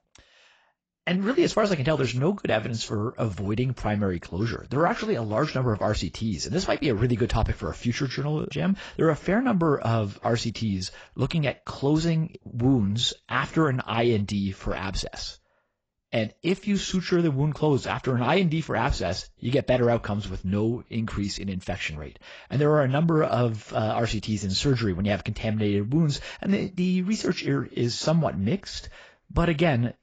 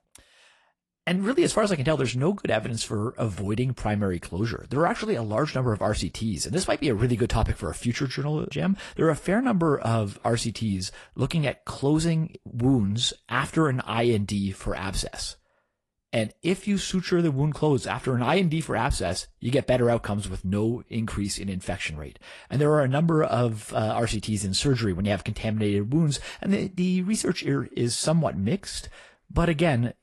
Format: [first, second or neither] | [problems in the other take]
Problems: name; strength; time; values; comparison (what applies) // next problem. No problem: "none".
second | garbled, watery; badly; nothing above 7.5 kHz; slightly in the second